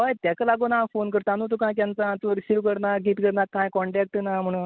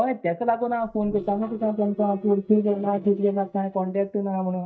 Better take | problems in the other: first | noise reduction (neural mask model DeepFilterNet 3)

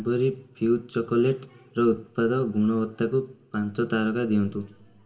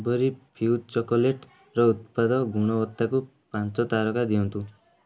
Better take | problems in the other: second | room echo; dies away in 0.6 s

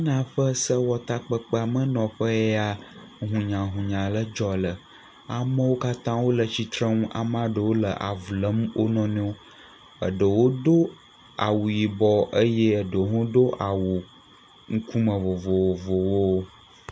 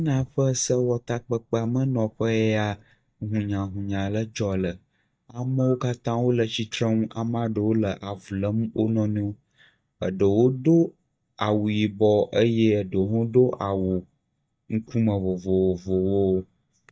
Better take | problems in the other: first | noise reduction (neural mask model DeepFilterNet 3)

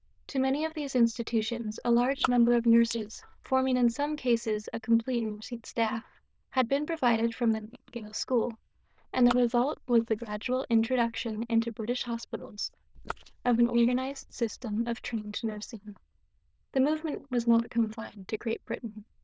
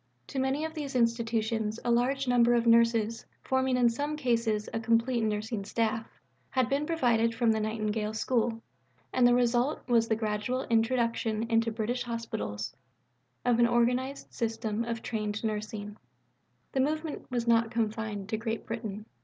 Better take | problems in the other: second | noise reduction (neural diffusion model UNIVERSE++)

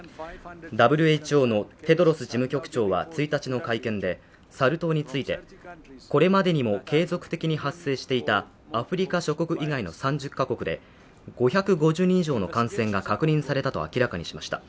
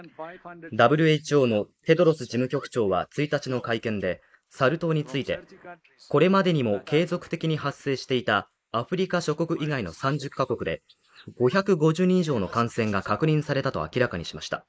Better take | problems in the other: first | noise reduction (neural mask model Resemble Enhance denoiser)

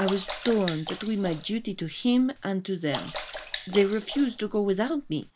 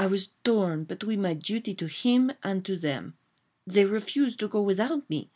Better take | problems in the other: second | background sound (Sink (filling or washing) / Water / Splash, splatter); 12 dB below the speech

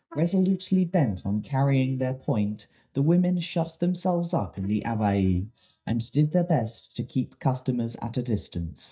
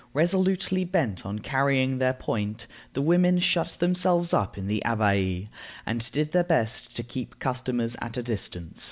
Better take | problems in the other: second | noise reduction (neural mask model DeepFilterNet 3)

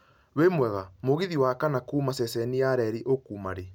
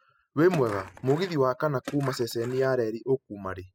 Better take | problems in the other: first | noise reduction (classical method spectral subtraction)

